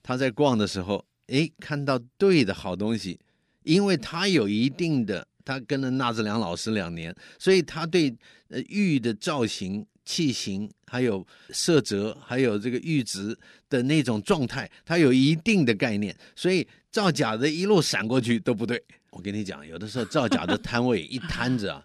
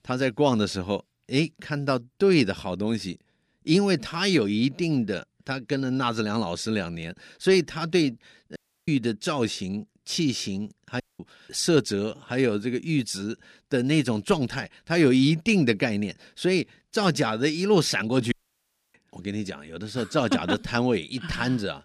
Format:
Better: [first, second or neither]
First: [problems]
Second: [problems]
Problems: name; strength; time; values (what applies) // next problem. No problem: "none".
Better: first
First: none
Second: audio cutting out; at 8.5 s, at 11 s and at 18 s for 0.5 s